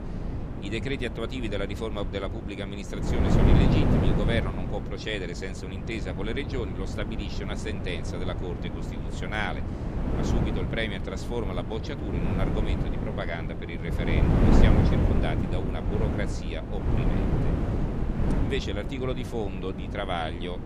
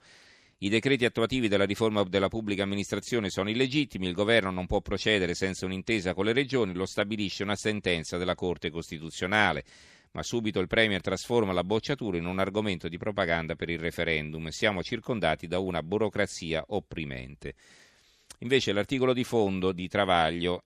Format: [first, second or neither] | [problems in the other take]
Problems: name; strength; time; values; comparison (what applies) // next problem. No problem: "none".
second | wind noise on the microphone; heavy; 1 dB below the speech